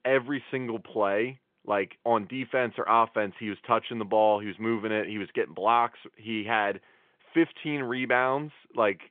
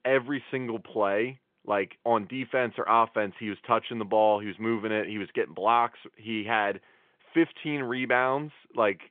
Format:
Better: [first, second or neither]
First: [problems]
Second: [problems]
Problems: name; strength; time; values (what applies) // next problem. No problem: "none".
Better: neither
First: phone-call audio; nothing above 3.5 kHz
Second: phone-call audio; nothing above 3.5 kHz